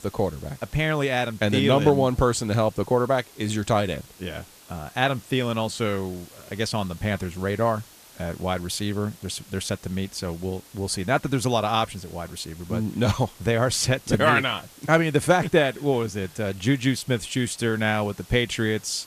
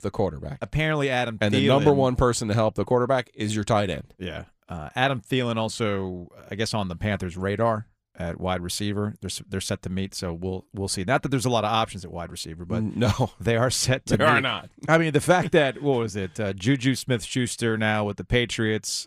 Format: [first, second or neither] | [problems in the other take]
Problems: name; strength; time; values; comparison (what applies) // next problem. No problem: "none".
second | hiss; faint; throughout; 25 dB below the speech